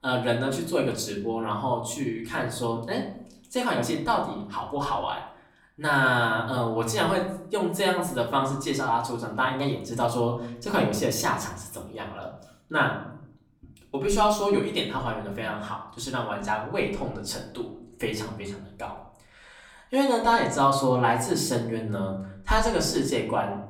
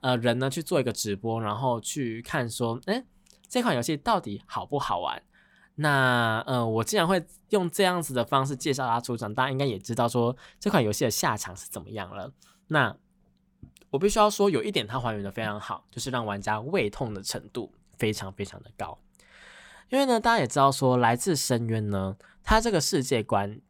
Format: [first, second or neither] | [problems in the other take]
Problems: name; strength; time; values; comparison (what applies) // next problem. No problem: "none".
second | room echo; slight; dies away in 0.5 s // off-mic speech; far